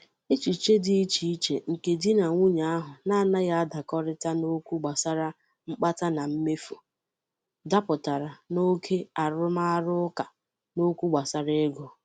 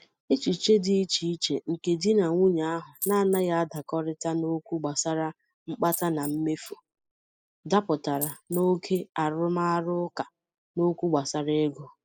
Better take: first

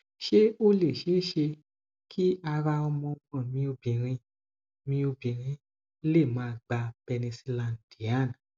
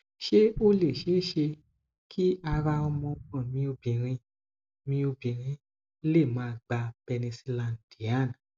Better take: first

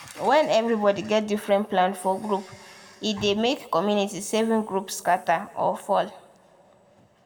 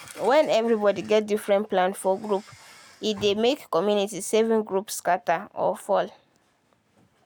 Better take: second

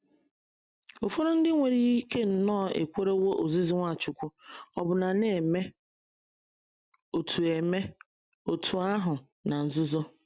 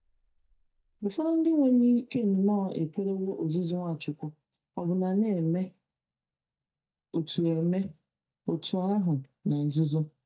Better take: first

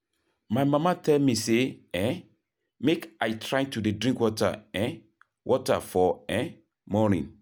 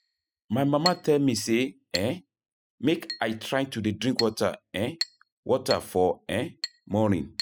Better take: first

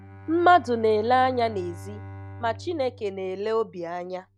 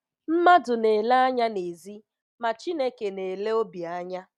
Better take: second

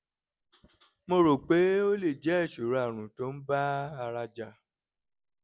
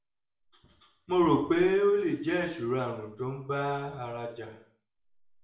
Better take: first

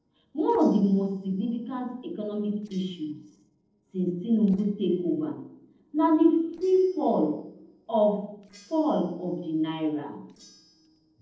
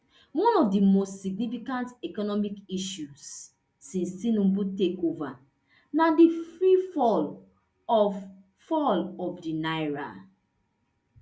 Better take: second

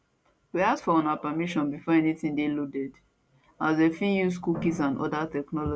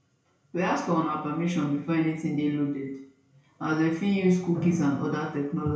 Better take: first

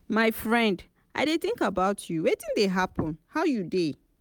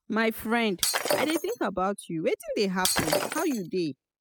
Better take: first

